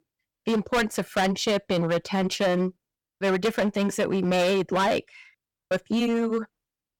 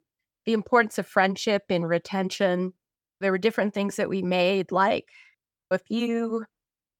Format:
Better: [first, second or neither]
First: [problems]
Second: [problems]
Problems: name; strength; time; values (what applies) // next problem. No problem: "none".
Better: second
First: distortion; heavy; 13% of the sound clipped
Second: none